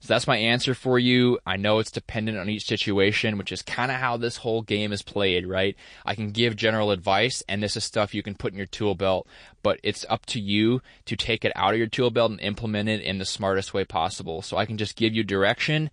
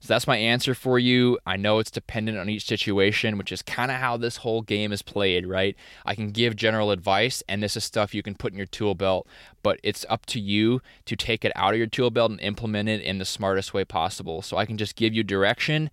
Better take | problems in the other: second | garbled, watery; slightly; nothing above 8 kHz

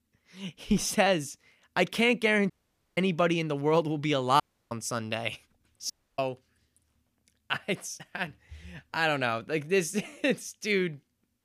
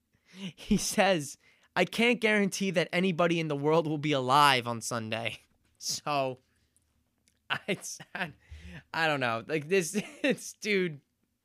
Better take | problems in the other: second | audio cutting out; at 2.5 s, at 4.5 s and at 6 s

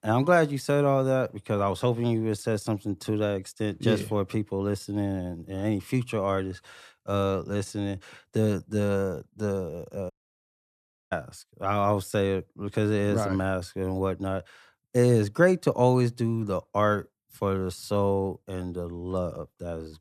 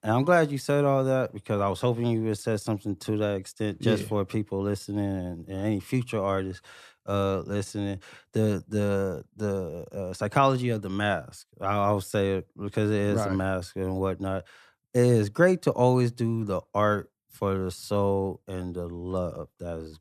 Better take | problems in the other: second | audio cutting out; at 10 s for 1 s

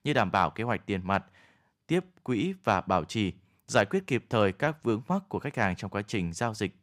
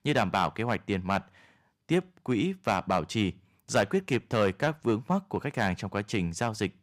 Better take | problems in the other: first | distortion; slight; 1.6% of the sound clipped

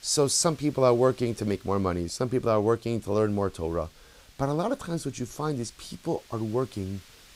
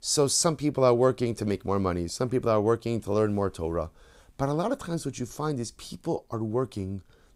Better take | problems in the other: second | hiss; faint; throughout; 25 dB below the speech

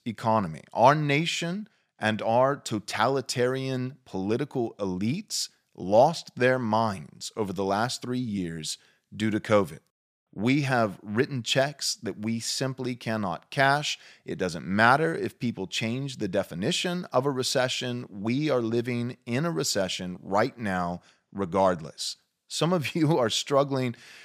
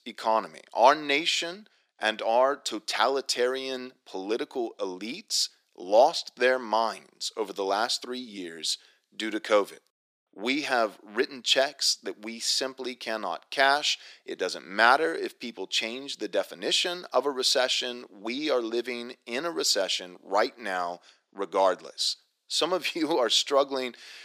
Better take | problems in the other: first | thin; somewhat; fading below 300 Hz

